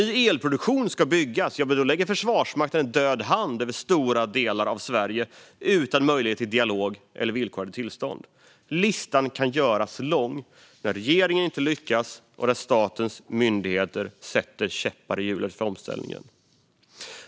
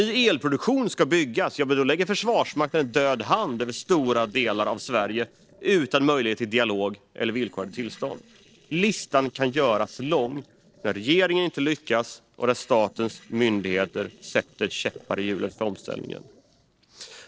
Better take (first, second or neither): first